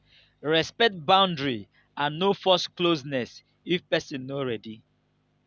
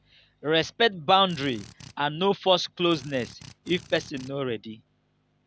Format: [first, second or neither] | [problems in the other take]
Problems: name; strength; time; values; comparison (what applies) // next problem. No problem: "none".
first | background sound (Drill); 19 dB below the speech